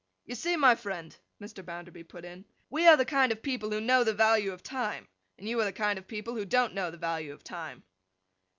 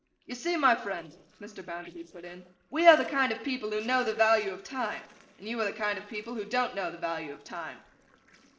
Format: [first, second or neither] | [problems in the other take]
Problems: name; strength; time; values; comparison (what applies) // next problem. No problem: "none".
first | noise reduction (neural separator model SepFormer DNS4)